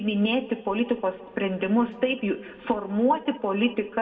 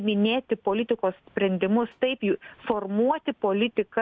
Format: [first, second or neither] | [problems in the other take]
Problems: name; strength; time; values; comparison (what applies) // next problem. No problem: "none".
second | room echo; dies away in 1.2 s